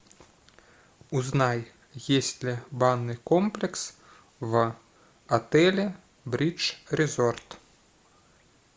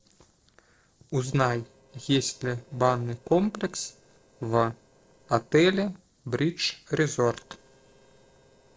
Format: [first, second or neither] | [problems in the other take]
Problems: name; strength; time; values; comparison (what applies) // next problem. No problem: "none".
first | noise reduction (neural separator model SepFormer DNS4)